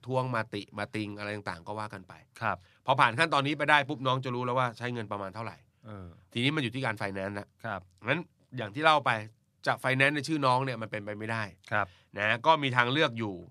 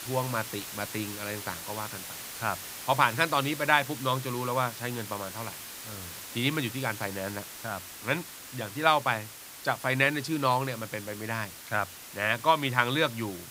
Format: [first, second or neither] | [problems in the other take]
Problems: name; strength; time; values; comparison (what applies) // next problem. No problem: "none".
first | hiss; noticeable; throughout; 10 dB below the speech